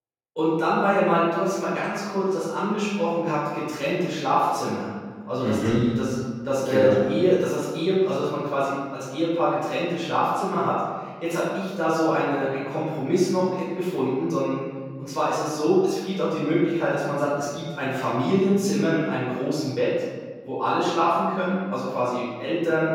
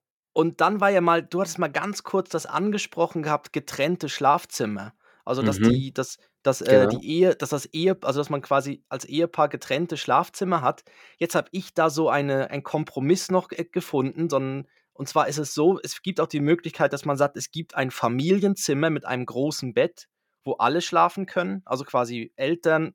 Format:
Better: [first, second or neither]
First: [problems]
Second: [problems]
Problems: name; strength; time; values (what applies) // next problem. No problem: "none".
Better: second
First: off-mic speech; far // room echo; strong; dies away in 1.4 s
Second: none